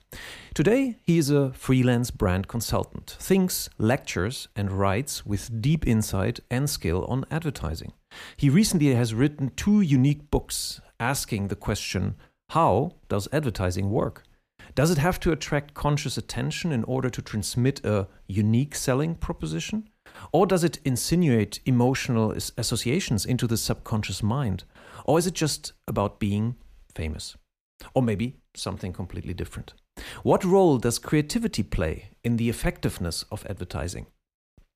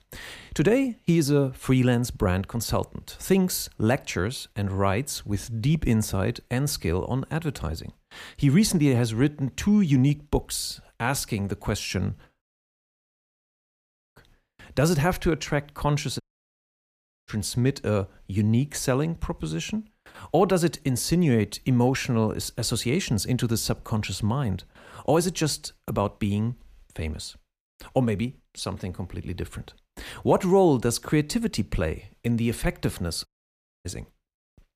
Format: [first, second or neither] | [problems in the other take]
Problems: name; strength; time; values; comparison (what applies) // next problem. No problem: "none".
first | audio cutting out; at 12 s for 1.5 s, at 16 s for 1 s and at 33 s for 0.5 s